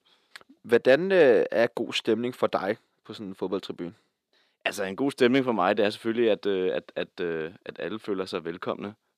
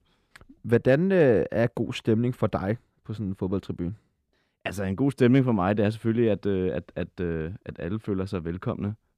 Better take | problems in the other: second | thin; somewhat; fading below 350 Hz

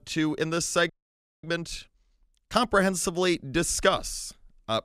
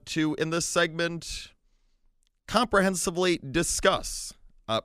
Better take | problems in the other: second | audio freezing; at 1 s for 0.5 s

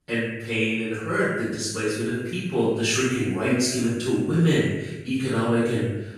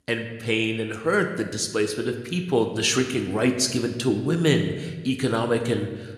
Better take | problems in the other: second | room echo; strong; dies away in 0.9 s; slight in the second // off-mic speech; far

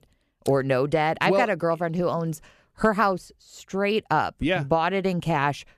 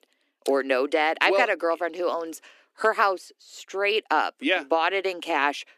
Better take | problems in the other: first | thin; somewhat; fading below 250 Hz

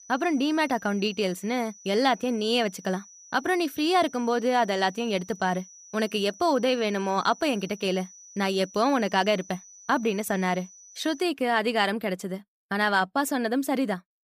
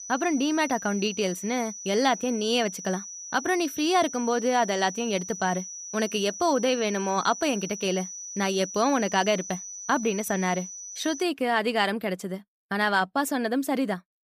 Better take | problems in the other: first | high-pitched whine; loud; until 11 s; 6 kHz, 10 dB below the speech; faint in the first

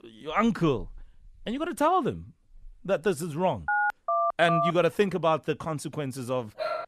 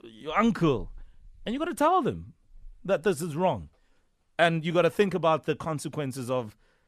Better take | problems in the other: second | phone ringing; loud; from 3.5 to 4.5 s; peak 1 dB above the speech // dog barking; noticeable; at 6.5 s; peak 5 dB below the speech

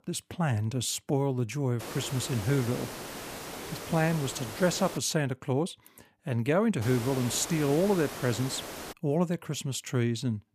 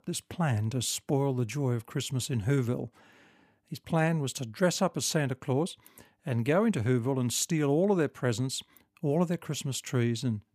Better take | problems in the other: second | hiss; loud; from 2 to 5 s and from 7 to 9 s; 10 dB below the speech

